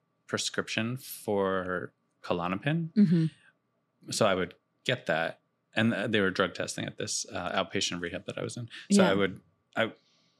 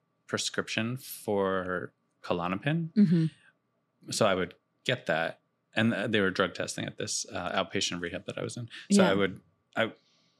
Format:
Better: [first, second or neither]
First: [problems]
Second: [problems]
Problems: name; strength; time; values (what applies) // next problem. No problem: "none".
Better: neither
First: none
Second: none